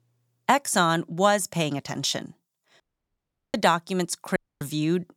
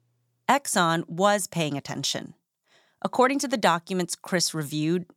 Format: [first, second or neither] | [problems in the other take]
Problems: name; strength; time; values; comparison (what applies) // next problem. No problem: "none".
second | audio cutting out; at 3 s for 0.5 s and at 4.5 s